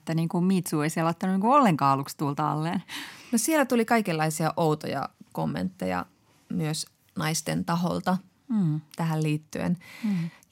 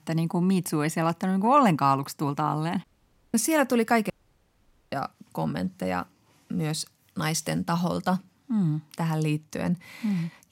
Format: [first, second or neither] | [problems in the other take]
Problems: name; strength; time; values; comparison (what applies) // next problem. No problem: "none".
first | audio cutting out; at 3 s for 0.5 s and at 4 s for 1 s